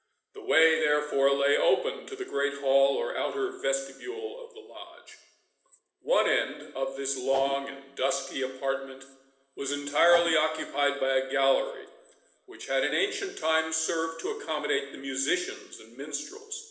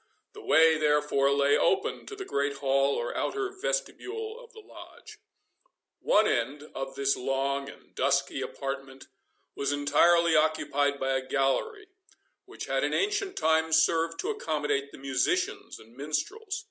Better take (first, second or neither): second